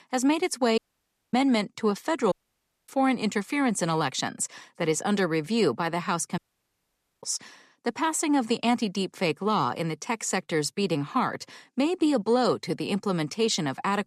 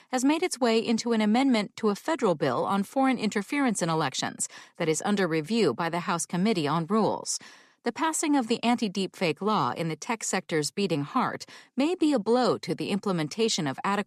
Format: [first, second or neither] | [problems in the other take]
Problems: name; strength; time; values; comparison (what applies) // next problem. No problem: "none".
second | audio cutting out; at 1 s for 0.5 s, at 2.5 s for 0.5 s and at 6.5 s for 1 s